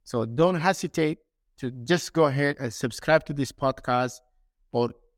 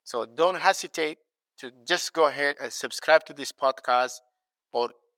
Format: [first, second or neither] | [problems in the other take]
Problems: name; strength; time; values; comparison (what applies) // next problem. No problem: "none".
first | thin; very; fading below 650 Hz